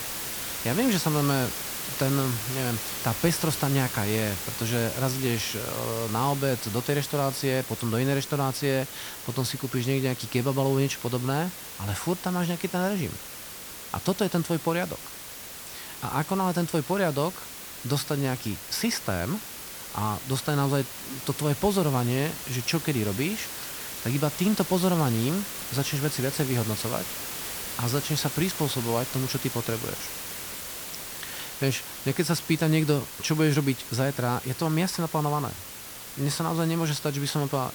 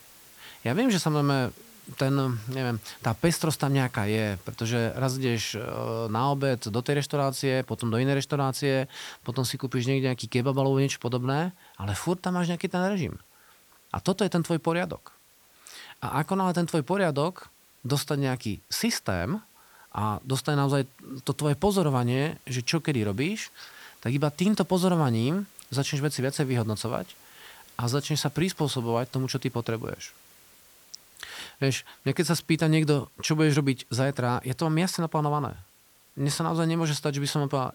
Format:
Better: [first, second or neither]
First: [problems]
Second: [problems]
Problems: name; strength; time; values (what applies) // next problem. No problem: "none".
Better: second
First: hiss; loud; throughout; 7 dB below the speech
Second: hiss; faint; throughout; 25 dB below the speech